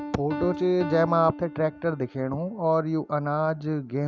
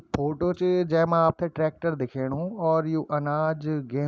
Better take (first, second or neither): second